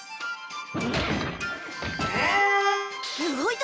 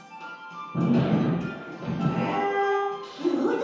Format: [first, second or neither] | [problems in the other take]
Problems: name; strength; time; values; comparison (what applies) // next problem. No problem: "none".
first | room echo; dies away in 0.9 s